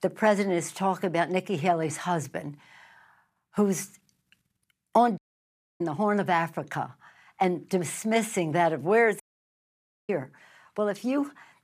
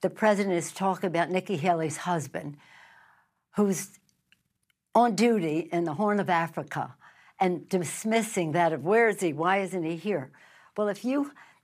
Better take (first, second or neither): second